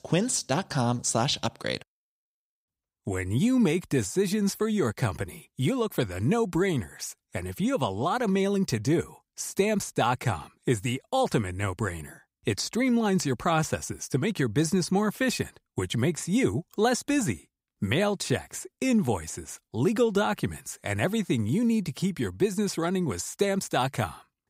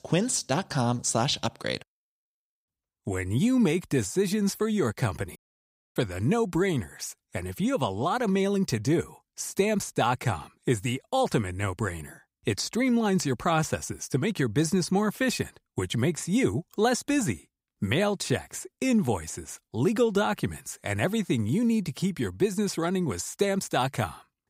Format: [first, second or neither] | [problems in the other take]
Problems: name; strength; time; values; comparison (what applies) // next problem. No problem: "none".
first | audio cutting out; at 5.5 s for 0.5 s